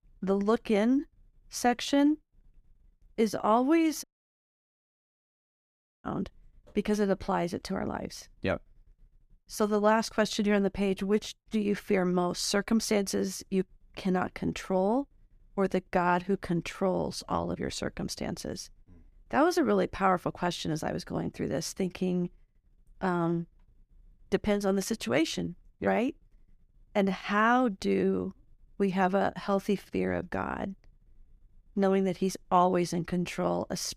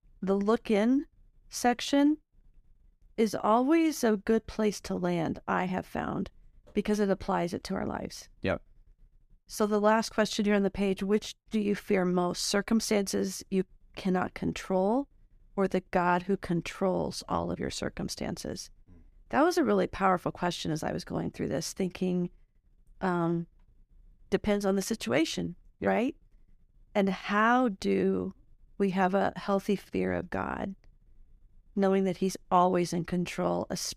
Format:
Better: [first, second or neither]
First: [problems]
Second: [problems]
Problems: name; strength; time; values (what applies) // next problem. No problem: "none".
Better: second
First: audio cutting out; at 4 s for 2 s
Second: none